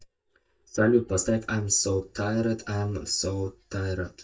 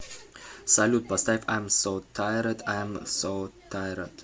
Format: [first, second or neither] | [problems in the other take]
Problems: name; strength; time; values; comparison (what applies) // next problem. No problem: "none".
second | noise reduction (neural mask model DeepFilterNet 3)